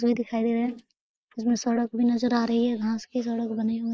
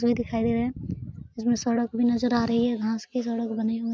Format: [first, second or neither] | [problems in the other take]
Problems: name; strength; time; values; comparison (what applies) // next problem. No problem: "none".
second | noise reduction (neural mask model Resemble Enhance denoiser)